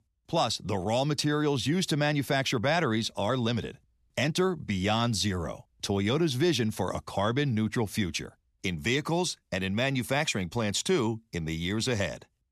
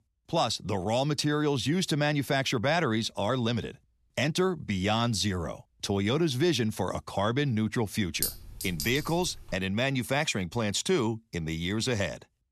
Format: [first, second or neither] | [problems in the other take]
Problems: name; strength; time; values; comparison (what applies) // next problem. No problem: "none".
first | clattering dishes; noticeable; from 8 to 9.5 s; peak 3 dB below the speech